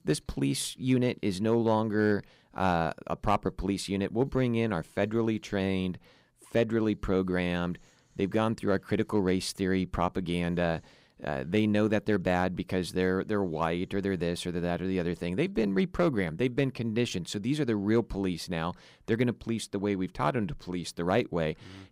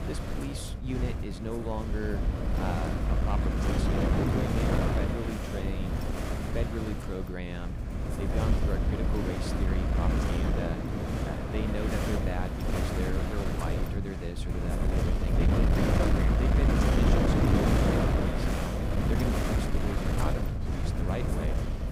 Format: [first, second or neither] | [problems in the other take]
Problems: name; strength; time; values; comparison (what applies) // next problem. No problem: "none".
first | wind noise on the microphone; heavy; 5 dB above the speech